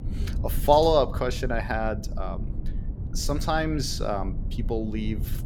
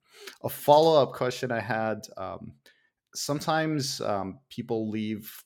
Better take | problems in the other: second | low rumble; faint; throughout; 20 dB below the speech

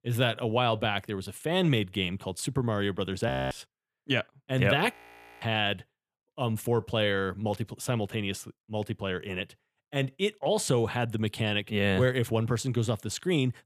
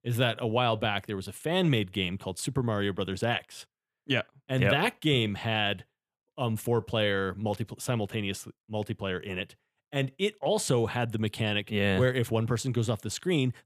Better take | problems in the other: second | audio freezing; at 3.5 s and at 5 s

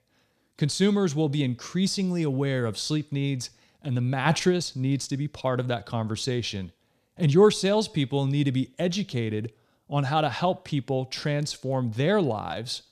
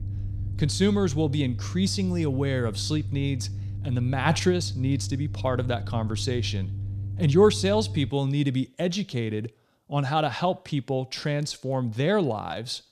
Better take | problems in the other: first | low rumble; noticeable; until 8 s; 20 dB below the speech

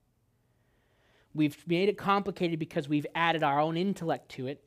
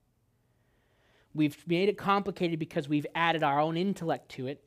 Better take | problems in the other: neither | none

